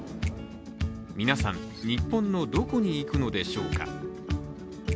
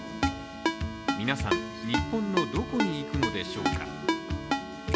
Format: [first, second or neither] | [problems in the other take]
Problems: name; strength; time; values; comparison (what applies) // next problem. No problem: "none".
first | background sound (Ringtone); 1 dB above the speech